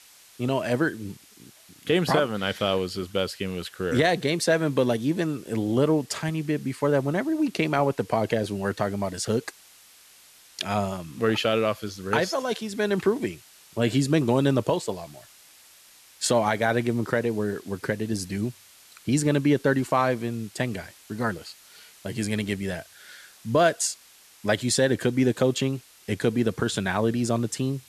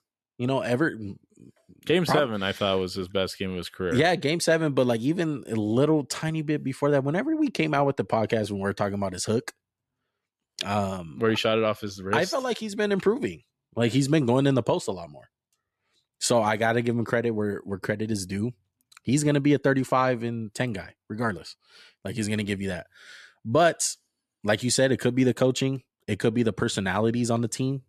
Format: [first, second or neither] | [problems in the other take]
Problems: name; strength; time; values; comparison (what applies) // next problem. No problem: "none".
second | hiss; faint; throughout; 25 dB below the speech